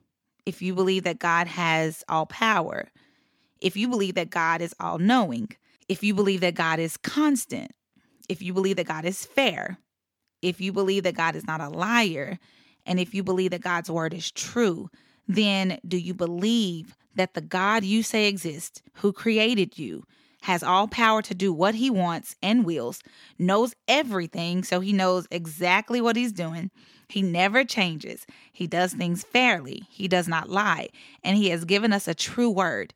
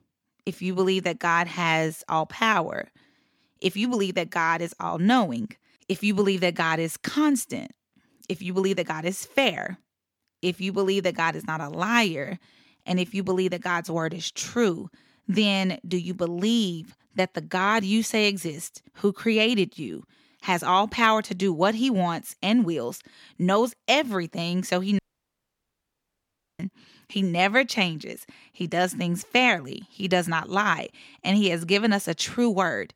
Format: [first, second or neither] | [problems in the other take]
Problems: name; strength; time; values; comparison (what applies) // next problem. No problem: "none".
first | audio cutting out; at 25 s for 1.5 s